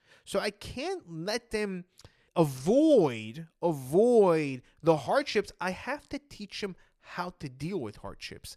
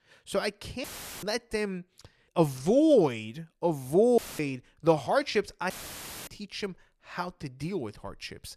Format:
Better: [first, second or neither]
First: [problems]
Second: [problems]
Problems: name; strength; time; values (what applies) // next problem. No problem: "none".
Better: first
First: none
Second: audio cutting out; filled with static; at 1 s, at 4 s and at 5.5 s for 0.5 s